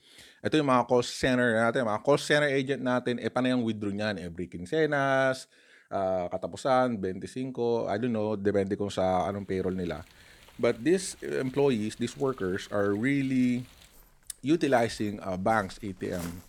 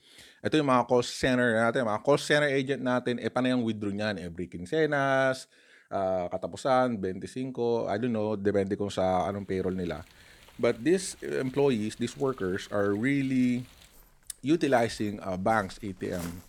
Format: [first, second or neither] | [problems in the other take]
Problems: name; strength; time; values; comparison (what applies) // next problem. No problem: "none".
neither | rain or running water; faint; from 9.5 s on; 25 dB below the speech; the same in both